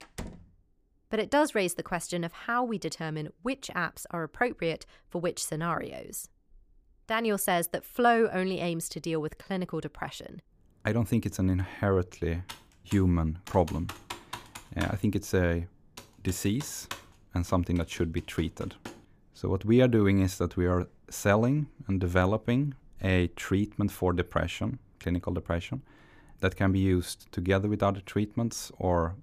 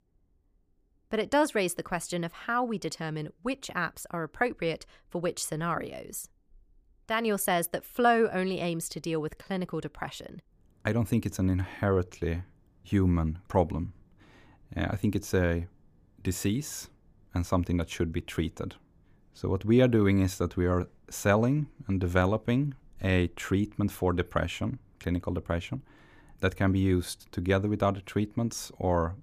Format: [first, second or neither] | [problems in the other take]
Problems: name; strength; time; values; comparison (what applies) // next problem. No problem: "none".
second | door banging; faint; at the start; peak 15 dB below the speech // keyboard typing; faint; from 12 to 19 s; peak 10 dB below the speech